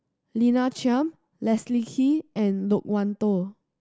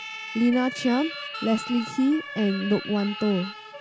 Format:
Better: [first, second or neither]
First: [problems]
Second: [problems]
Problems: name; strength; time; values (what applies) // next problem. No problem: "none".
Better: first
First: none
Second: background sound (Drip + Siren); 11 dB below the speech